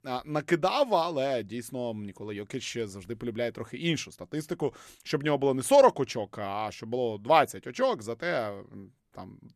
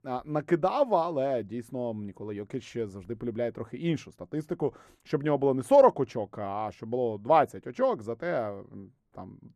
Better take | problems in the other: first | muffled; slightly; fading above 2 kHz

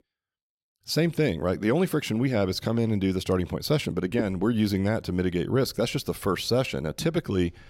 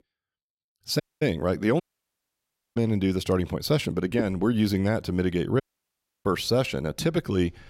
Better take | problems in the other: first | audio cutting out; at 1 s, at 2 s for 1 s and at 5.5 s for 0.5 s

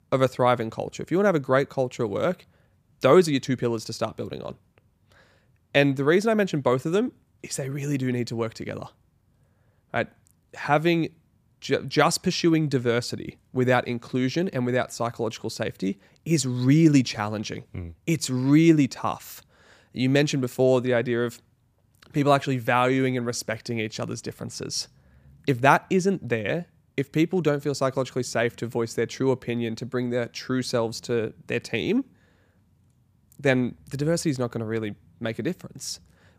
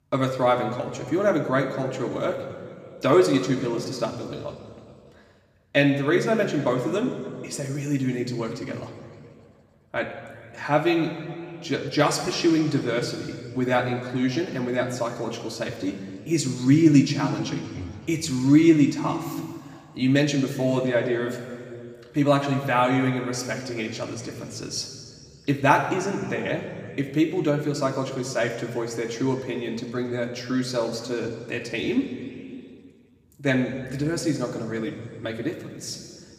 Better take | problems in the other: first | room echo; slight; dies away in 2.2 s // off-mic speech; somewhat distant

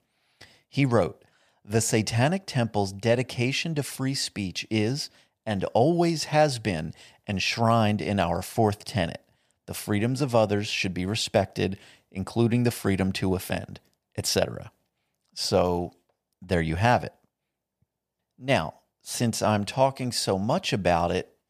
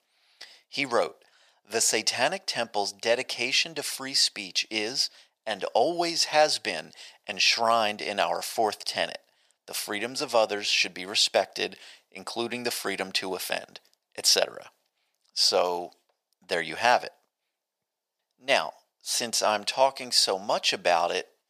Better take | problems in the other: first | thin; very; fading below 550 Hz

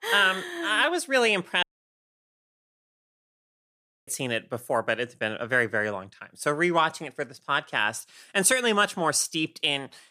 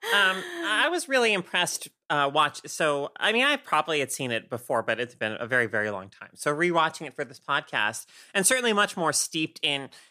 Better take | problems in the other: second | audio cutting out; at 1.5 s for 2.5 s

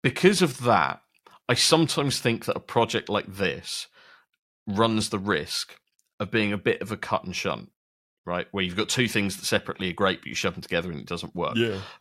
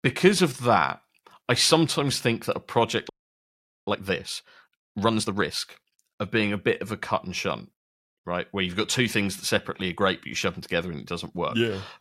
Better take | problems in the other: first | audio freezing; at 3 s for 1 s

